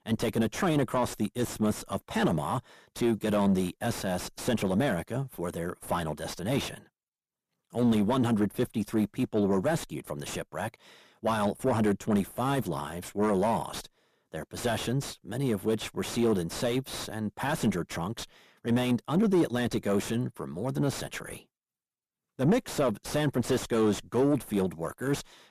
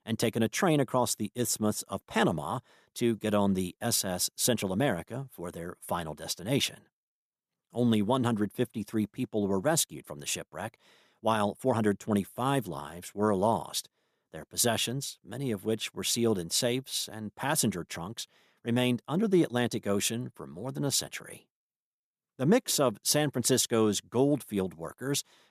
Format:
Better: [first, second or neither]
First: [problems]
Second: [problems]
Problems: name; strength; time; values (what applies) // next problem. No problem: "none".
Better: second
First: distortion; heavy; 6 dB below the speech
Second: none